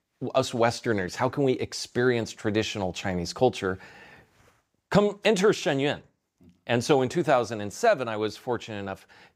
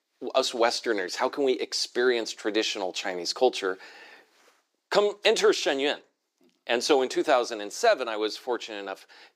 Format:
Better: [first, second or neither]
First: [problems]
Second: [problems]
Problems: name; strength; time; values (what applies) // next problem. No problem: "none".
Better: first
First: none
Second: thin; somewhat; fading below 300 Hz